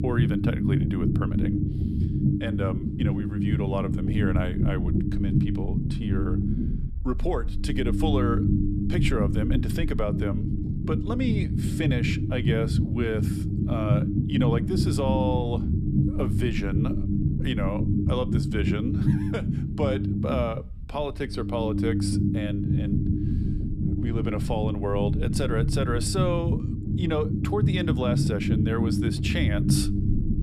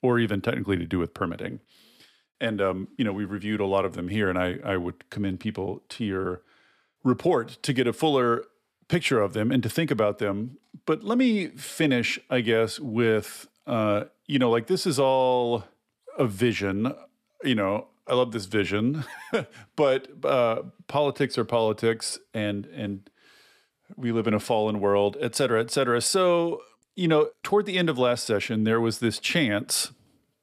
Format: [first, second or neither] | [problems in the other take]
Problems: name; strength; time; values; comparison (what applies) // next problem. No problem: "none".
second | low rumble; loud; throughout; 3 dB below the speech